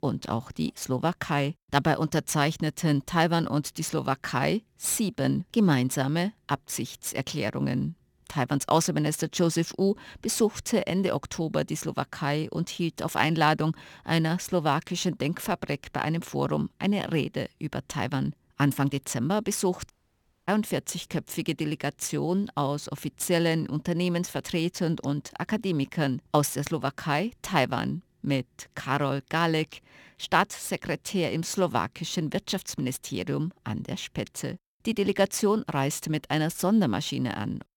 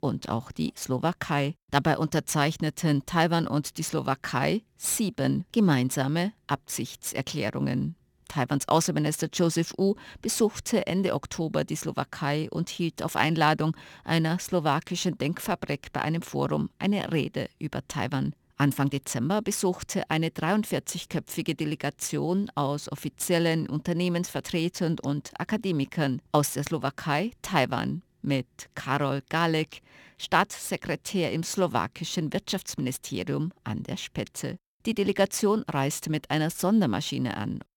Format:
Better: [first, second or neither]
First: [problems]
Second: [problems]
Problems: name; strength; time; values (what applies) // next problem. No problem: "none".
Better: second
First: audio cutting out; at 20 s for 0.5 s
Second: none